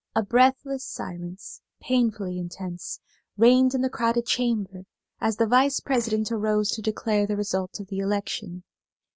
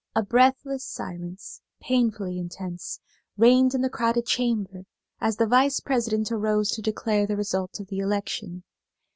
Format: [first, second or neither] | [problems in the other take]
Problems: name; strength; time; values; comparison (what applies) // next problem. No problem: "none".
second | noise reduction (neural mask model Resemble Enhance denoiser)